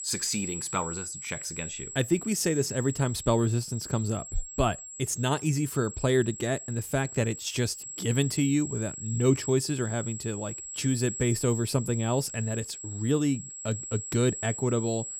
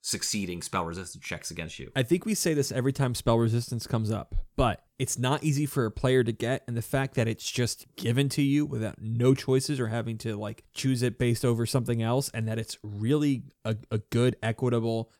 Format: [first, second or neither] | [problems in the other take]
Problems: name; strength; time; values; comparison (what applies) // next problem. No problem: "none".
second | high-pitched whine; loud; throughout; 7.5 kHz, 8 dB below the speech